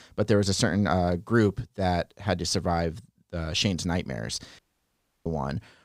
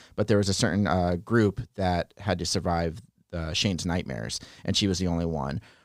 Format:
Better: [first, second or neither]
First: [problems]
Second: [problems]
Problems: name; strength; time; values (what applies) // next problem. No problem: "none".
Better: second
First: audio cutting out; at 4.5 s for 0.5 s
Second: none